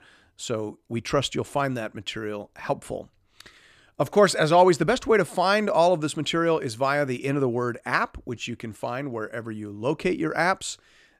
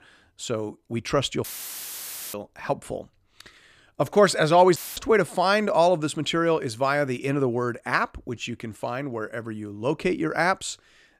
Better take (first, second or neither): first